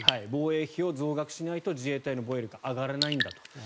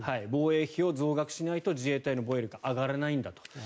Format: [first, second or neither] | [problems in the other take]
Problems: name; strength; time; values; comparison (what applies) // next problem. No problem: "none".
second | background sound (Raindrop / Drip); 4 dB below the speech